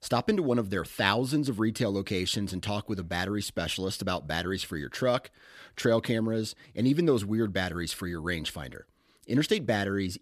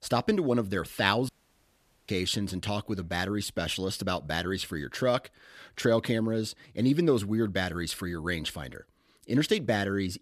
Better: first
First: none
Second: audio cutting out; at 1.5 s for 1 s

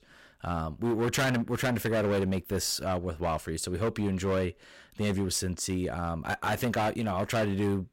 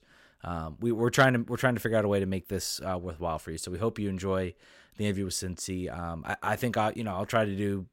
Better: second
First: distortion; heavy; 13% of the sound clipped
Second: none

